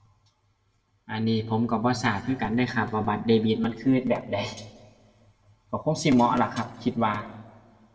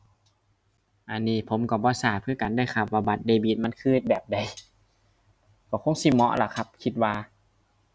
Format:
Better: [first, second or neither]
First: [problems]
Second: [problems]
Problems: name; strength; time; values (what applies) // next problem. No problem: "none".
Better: second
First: room echo; dies away in 1.1 s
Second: none